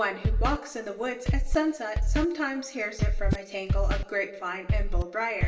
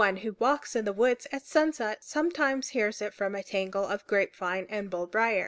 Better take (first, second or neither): second